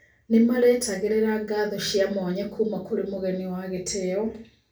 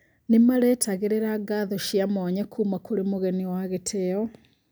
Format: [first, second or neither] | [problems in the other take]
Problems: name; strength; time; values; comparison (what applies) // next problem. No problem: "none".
second | room echo; dies away in 0.3 s